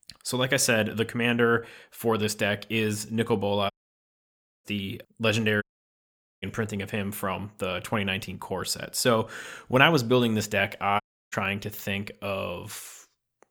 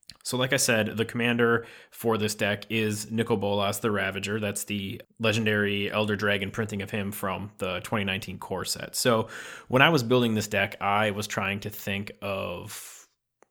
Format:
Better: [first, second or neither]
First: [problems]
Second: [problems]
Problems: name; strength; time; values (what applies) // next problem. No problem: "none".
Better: second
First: audio cutting out; at 3.5 s for 1 s, at 5.5 s for 1 s and at 11 s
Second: none